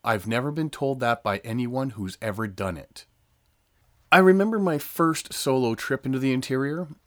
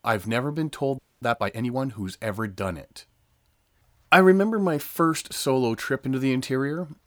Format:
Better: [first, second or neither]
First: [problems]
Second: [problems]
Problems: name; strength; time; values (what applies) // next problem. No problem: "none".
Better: first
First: none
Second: audio freezing; at 1 s